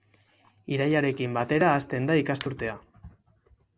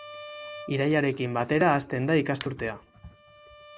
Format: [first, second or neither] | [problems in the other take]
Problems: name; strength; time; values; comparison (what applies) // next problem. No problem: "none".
first | background sound (Bowed string instrument); 19 dB below the speech